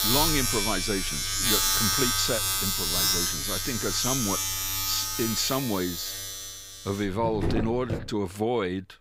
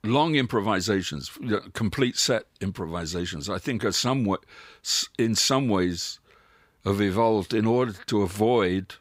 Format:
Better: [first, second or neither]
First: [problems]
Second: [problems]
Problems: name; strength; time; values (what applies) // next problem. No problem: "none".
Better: second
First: household noises; very loud; throughout; 4 dB above the speech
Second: none